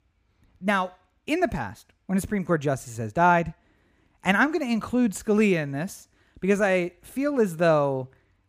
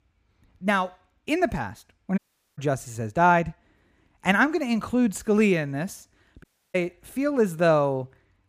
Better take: first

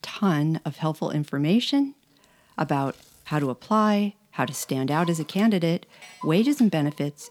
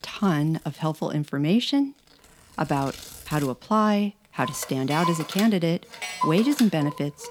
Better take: first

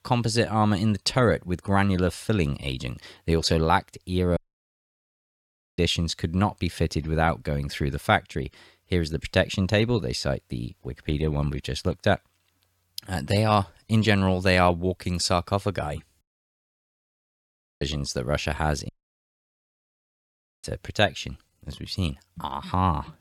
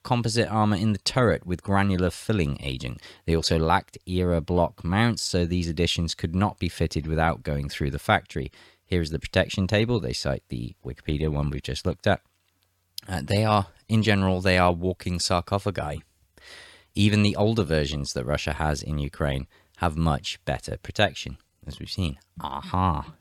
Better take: second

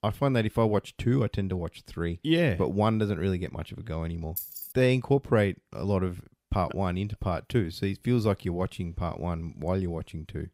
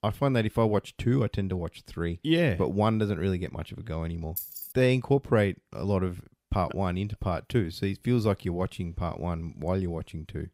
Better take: neither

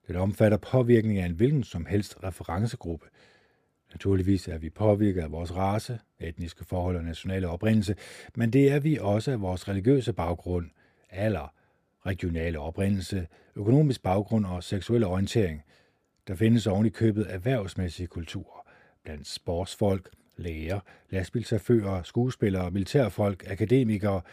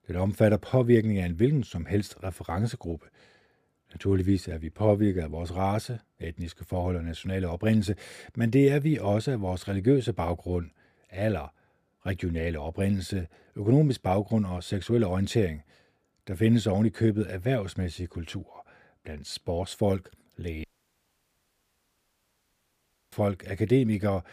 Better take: first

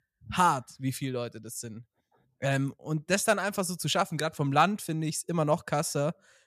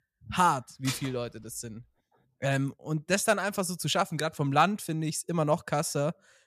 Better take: first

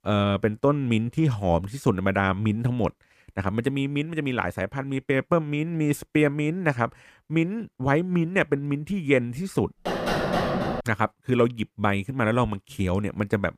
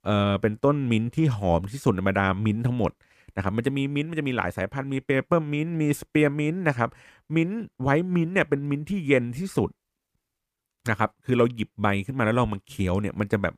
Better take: second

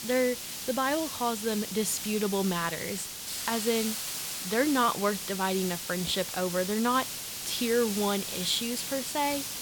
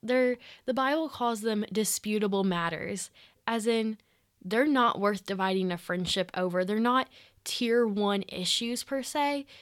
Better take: second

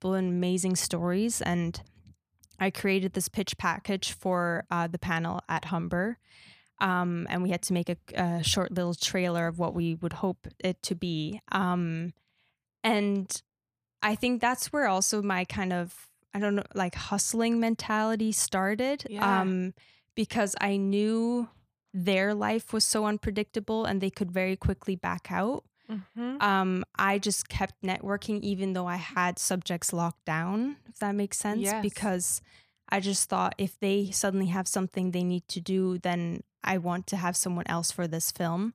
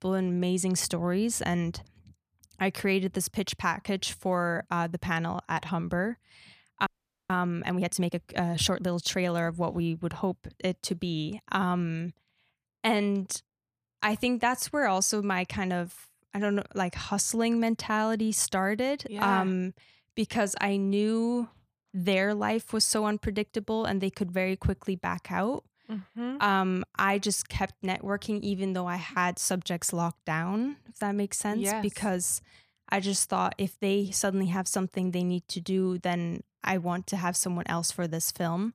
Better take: first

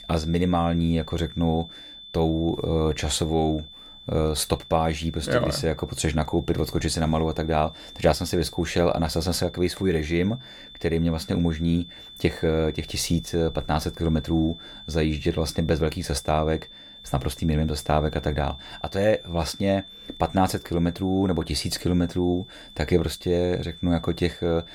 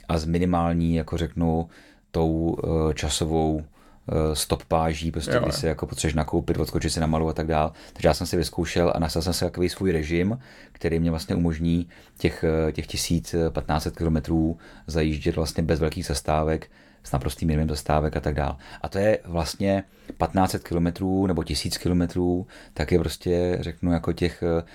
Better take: second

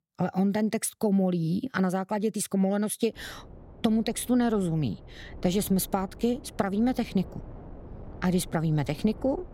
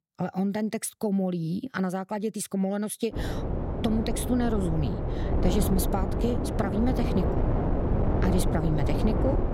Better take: first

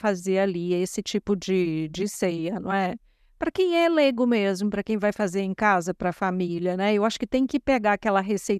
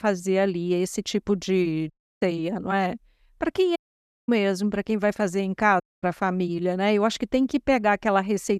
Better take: first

